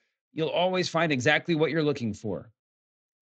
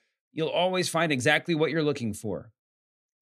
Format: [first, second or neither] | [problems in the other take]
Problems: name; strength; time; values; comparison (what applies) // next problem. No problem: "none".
second | garbled, watery; slightly; nothing above 7.5 kHz